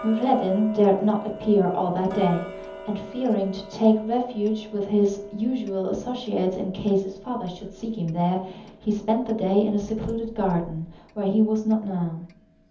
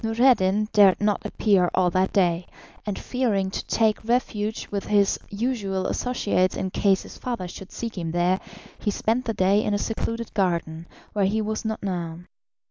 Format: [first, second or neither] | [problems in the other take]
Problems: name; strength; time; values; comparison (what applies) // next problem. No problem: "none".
second | background sound (Tick-tock); 17 dB below the speech // room echo; dies away in 0.7 s